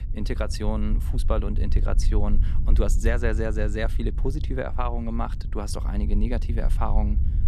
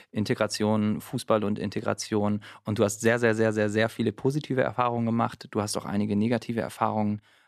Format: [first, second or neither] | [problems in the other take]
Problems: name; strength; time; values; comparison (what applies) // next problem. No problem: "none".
second | wind noise on the microphone; occasional gusts; 15 dB below the speech